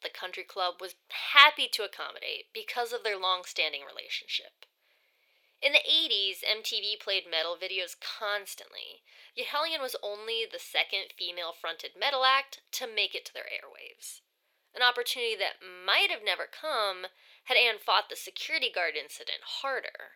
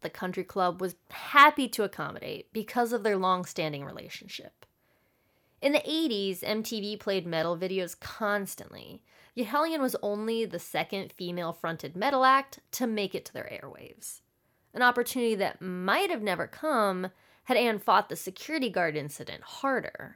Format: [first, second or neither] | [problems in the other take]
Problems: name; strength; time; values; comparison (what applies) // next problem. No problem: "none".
second | thin; very; fading below 450 Hz